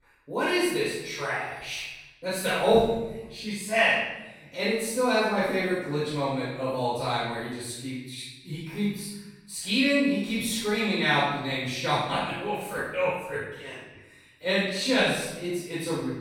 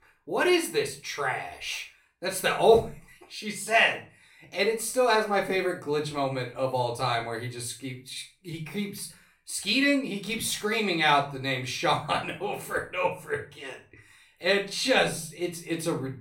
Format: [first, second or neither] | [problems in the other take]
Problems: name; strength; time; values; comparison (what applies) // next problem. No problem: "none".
second | room echo; strong; dies away in 1 s; slight in the second // off-mic speech; far; somewhat distant in the second